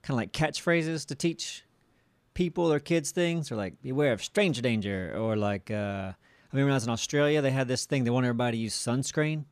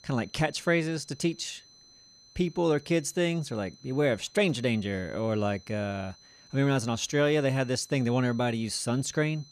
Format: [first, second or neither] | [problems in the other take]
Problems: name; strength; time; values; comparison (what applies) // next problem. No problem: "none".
first | high-pitched whine; faint; throughout; 4 kHz, 25 dB below the speech